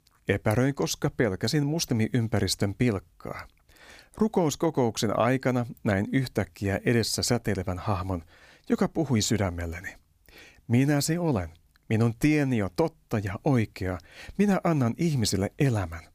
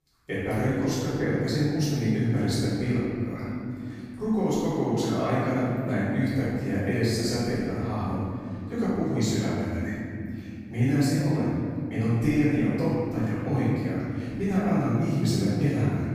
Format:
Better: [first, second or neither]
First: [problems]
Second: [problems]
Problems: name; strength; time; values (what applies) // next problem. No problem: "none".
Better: first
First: none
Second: room echo; strong; dies away in 3 s // off-mic speech; far